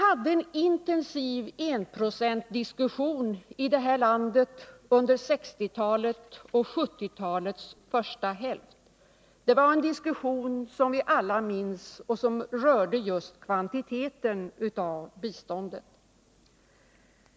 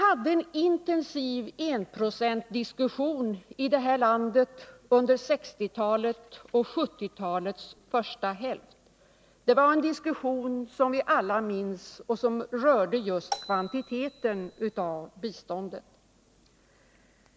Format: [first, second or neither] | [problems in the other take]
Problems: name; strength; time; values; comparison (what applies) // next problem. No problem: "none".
first | background sound (Marimba, xylophone); 14 dB below the speech